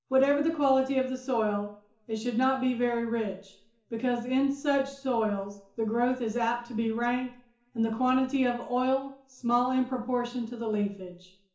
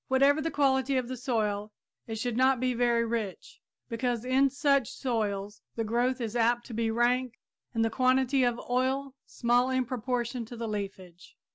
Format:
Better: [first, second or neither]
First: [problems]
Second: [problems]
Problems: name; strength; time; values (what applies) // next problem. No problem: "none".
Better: second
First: room echo; dies away in 0.7 s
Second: none